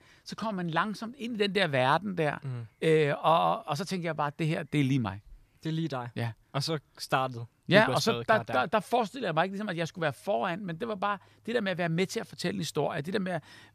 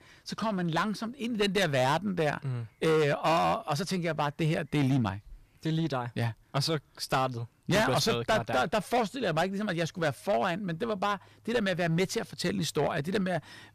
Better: first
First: none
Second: distortion; heavy; 9% of the sound clipped

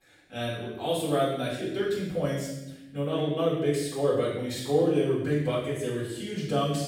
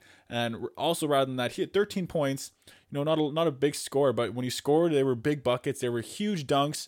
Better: second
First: off-mic speech; far // room echo; strong; dies away in 0.9 s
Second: none

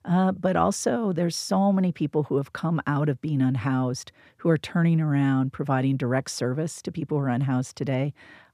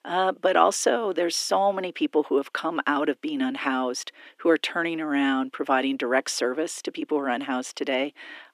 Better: first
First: none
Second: thin; somewhat; fading below 300 Hz

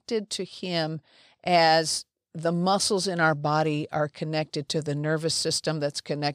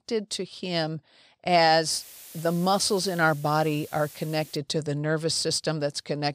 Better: first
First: none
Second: hiss; noticeable; from 2 to 4.5 s; 20 dB below the speech

